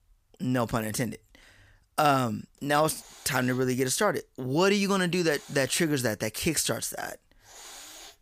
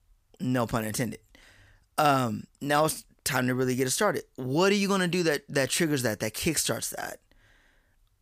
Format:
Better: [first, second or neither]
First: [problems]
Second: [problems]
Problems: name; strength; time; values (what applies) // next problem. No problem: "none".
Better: second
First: hiss; faint; from 2 s on; 20 dB below the speech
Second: none